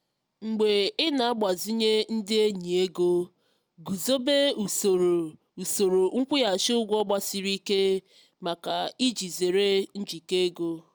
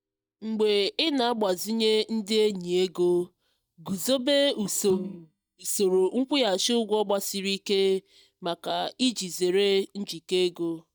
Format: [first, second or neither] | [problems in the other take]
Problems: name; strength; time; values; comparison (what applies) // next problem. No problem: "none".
first | noise reduction (neural mask model DeepFilterNet 3)